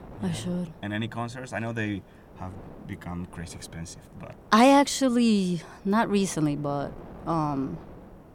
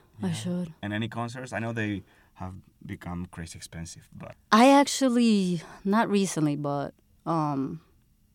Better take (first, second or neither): second